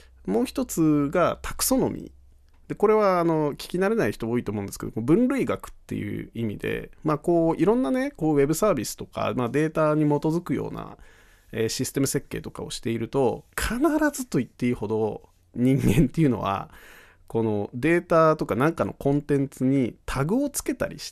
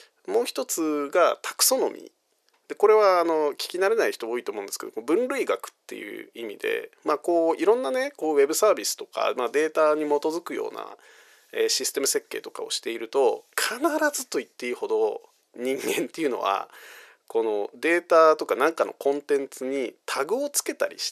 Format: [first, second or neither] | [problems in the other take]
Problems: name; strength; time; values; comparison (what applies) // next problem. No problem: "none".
first | thin; very; fading below 400 Hz